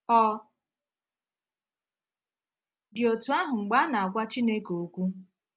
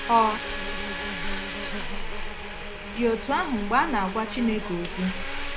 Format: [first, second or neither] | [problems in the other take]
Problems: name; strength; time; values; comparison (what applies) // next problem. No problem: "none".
first | background sound (Insect + Domestic sounds, home sounds); 3 dB below the speech